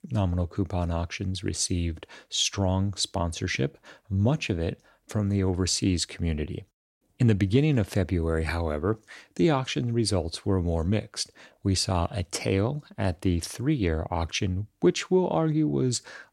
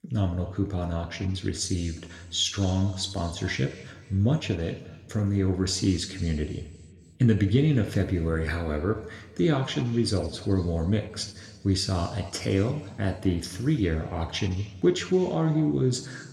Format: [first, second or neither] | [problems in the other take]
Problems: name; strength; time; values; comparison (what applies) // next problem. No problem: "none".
first | room echo; slight; dies away in 1.6 s